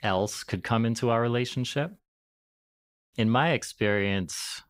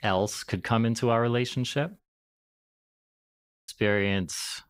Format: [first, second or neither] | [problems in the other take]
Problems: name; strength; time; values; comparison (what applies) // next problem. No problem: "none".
first | audio cutting out; at 3 s for 0.5 s